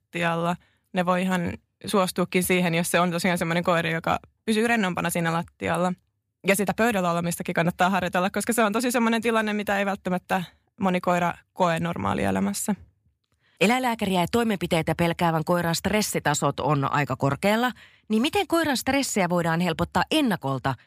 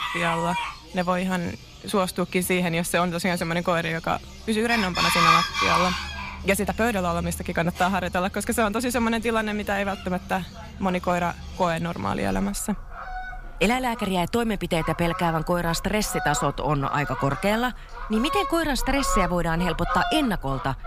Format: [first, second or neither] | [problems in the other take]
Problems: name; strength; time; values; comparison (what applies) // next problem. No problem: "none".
first | animal sounds; loud; throughout; 4 dB below the speech